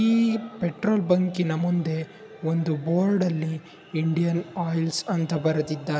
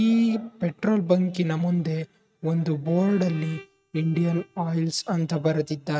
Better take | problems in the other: first | noise reduction (neural mask model RNNoise)

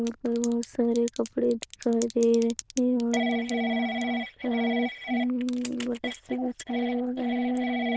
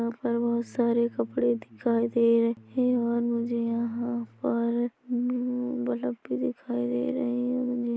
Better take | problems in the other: second | noise reduction (neural diffusion model UNIVERSE++)

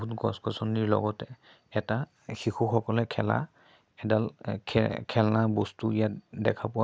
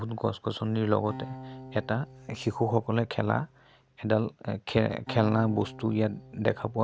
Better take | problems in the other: first | background sound (Acoustic guitar); 18 dB below the speech

